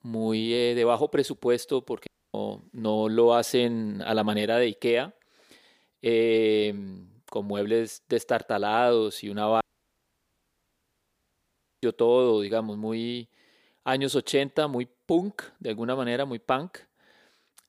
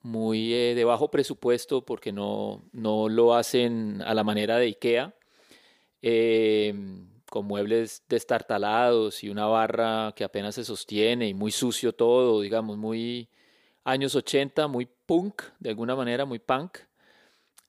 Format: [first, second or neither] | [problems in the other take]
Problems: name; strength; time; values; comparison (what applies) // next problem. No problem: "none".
second | audio cutting out; at 2 s and at 9.5 s for 2 s